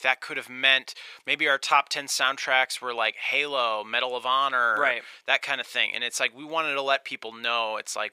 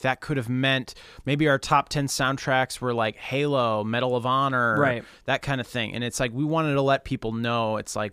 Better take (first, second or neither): second